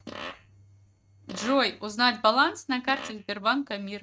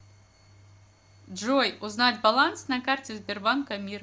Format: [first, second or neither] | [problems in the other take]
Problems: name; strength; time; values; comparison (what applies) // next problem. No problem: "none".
second | noise reduction (neural mask model RNNoise)